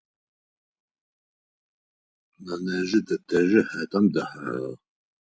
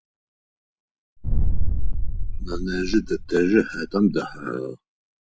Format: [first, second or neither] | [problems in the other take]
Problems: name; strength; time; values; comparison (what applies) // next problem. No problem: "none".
first | background sound (Boom); 5 dB above the speech